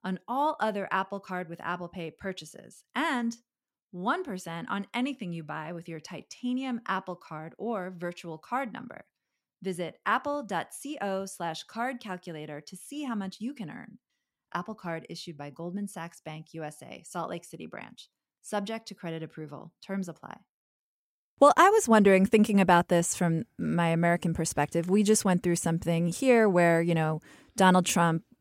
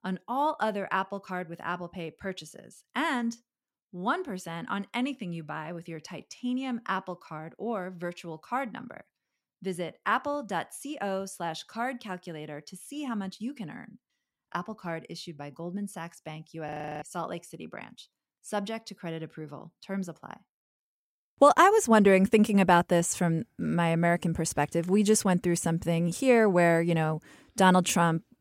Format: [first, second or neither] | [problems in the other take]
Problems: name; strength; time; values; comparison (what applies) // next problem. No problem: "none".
first | audio freezing; at 17 s